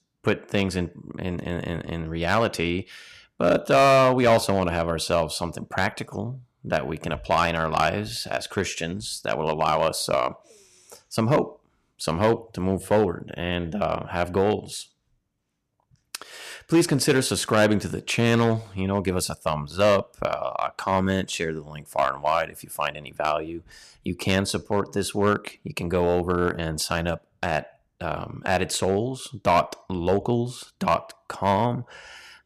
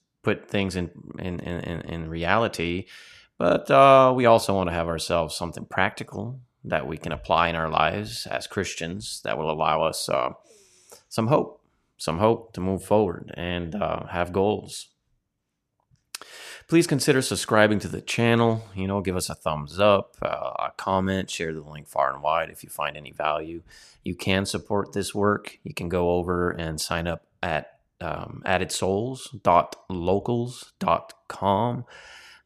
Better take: second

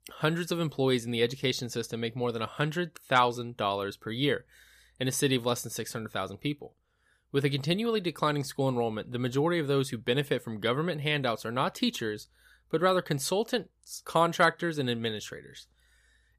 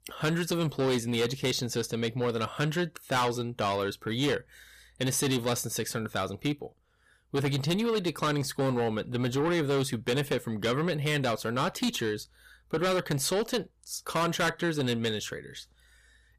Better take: first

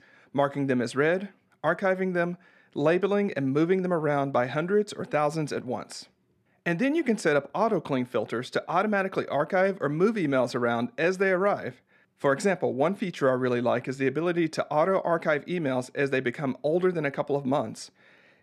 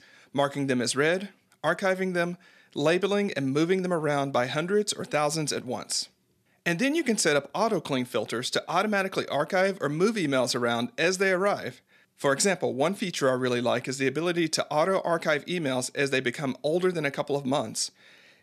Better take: second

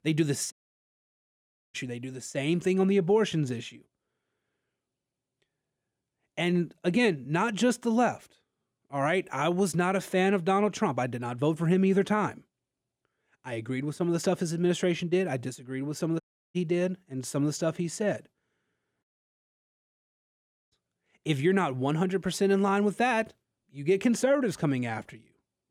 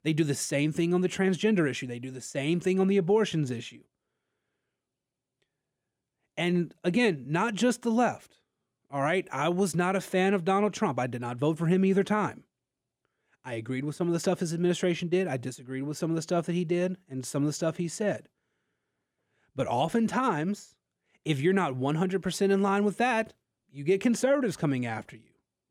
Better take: second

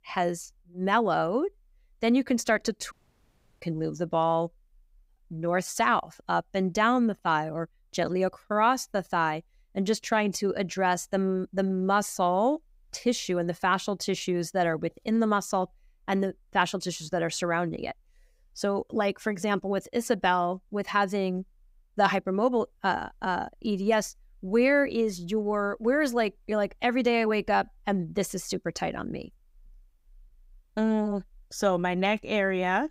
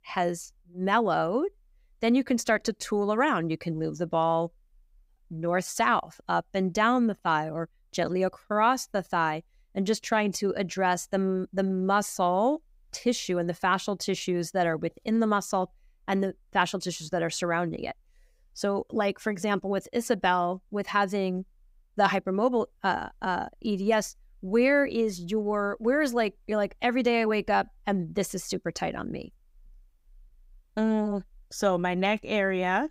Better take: second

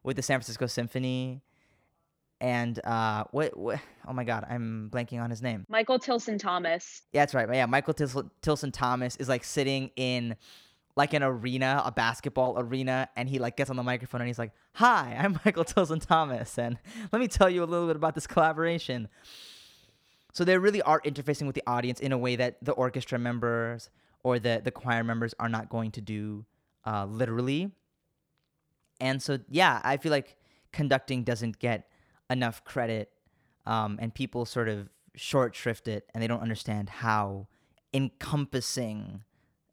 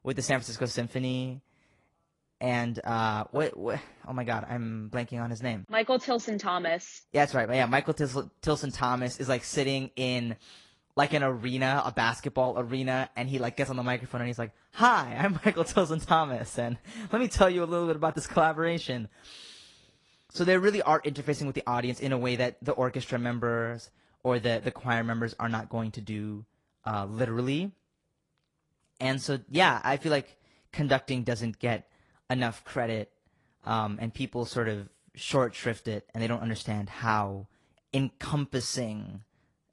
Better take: first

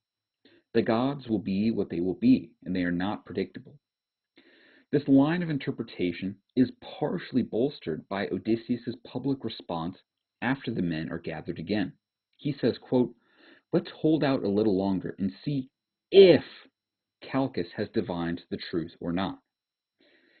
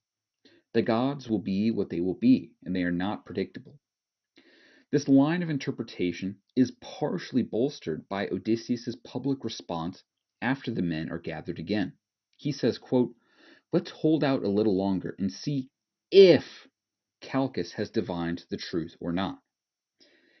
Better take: second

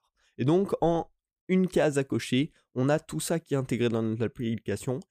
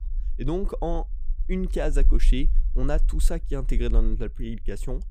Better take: first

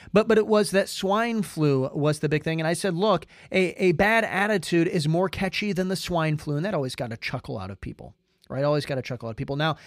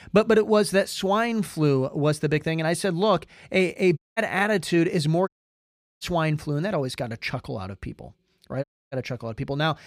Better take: first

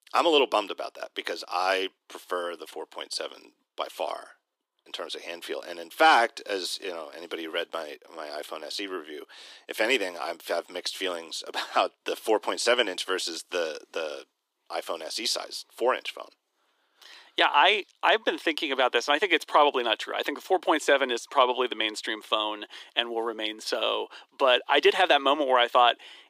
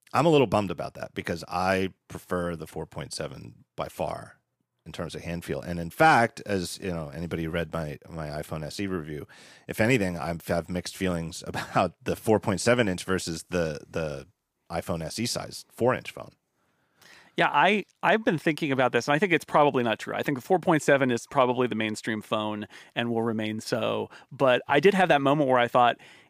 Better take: second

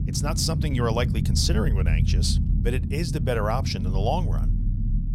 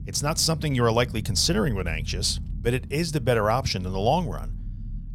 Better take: second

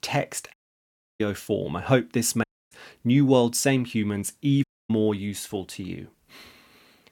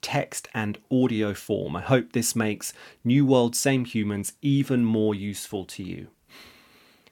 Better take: second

